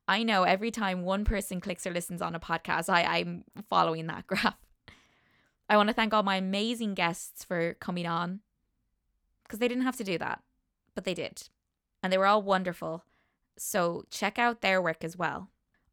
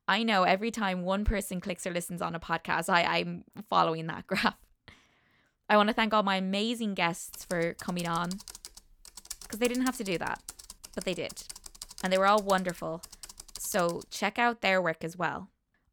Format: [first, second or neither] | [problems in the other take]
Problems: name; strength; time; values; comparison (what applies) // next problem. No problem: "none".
first | keyboard typing; faint; from 7.5 to 14 s; peak 10 dB below the speech